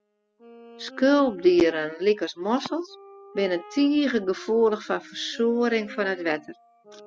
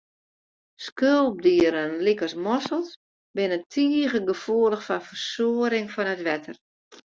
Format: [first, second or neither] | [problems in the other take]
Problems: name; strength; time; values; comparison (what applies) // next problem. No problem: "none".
second | noise reduction (classical method spectral subtraction)